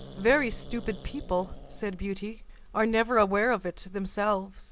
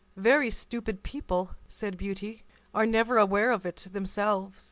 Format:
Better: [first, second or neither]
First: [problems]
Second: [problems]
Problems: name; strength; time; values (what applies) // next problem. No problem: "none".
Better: second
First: background sound (Growling); 15 dB below the speech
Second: none